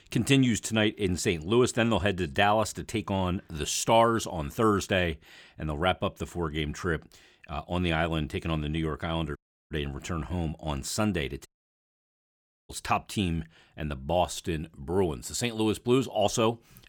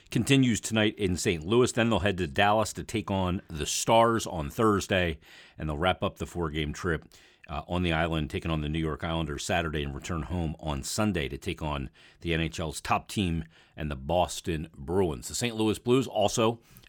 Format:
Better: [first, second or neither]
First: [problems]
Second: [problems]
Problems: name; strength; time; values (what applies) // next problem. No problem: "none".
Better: second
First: audio cutting out; at 9.5 s and at 11 s for 1 s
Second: none